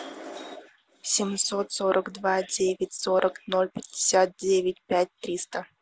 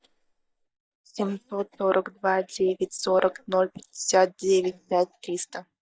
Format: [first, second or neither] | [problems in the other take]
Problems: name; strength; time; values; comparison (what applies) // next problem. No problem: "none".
first | noise reduction (neural mask model DeepFilterNet 3)